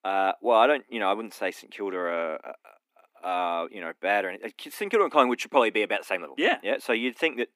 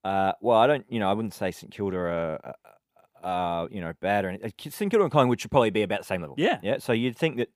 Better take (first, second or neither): second